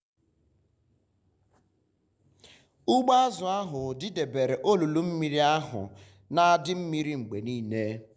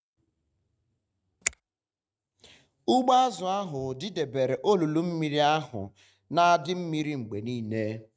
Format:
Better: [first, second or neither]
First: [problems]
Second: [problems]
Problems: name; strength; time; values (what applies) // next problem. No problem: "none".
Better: first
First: none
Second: noise reduction (neural mask model RNNoise)